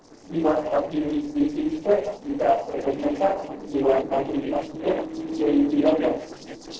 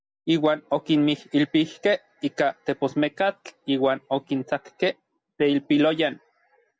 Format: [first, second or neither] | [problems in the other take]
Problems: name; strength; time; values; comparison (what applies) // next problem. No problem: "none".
second | noise reduction (neural separator model SepFormer DNS4)